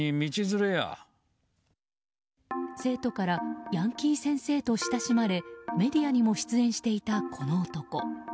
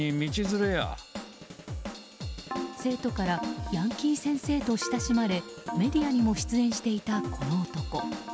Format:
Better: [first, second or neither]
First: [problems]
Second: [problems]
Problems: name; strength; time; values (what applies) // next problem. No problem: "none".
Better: first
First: none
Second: background sound (Drum / Drum kit); 10 dB below the speech